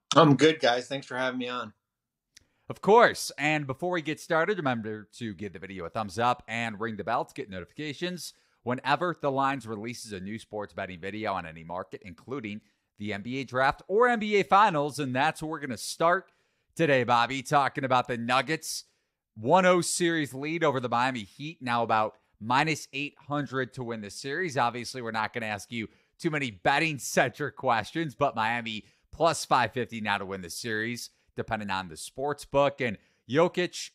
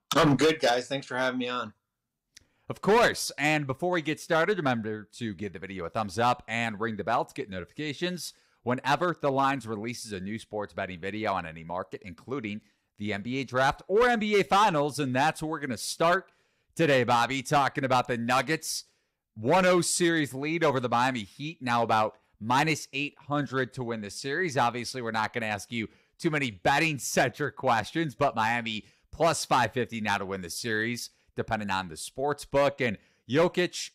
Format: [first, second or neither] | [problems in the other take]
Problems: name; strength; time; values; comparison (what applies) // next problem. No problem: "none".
first | distortion; slight; 3% of the sound clipped